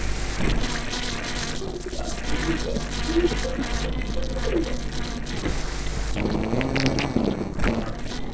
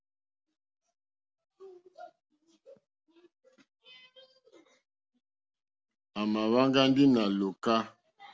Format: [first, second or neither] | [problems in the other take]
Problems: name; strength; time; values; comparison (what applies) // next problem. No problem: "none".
second | noise reduction (neural separator model SepFormer DNS4)